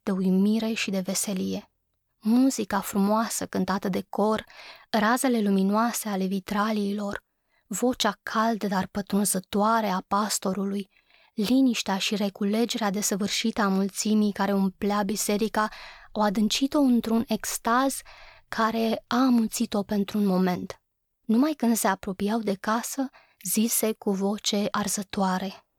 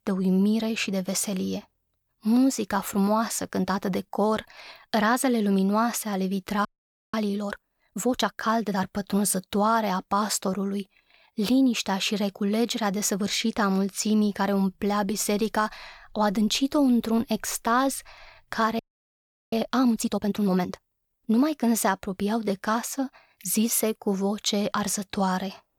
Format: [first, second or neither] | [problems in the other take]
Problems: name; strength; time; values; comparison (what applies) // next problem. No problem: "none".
first | audio freezing; at 6.5 s and at 19 s for 0.5 s